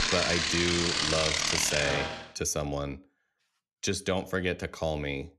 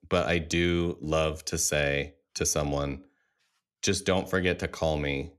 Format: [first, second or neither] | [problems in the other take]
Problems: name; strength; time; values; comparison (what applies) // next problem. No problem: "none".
second | traffic noise; very loud; until 1.5 s; 4 dB above the speech